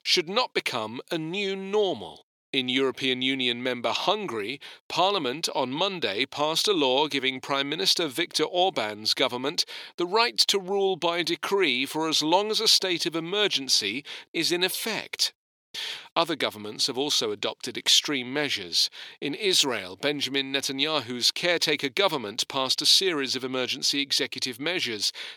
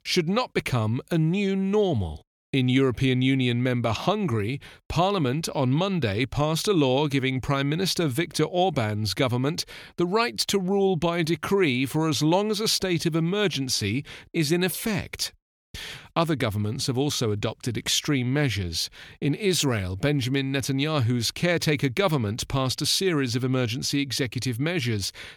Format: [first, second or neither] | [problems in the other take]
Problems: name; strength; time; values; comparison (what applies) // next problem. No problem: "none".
second | thin; somewhat; fading below 400 Hz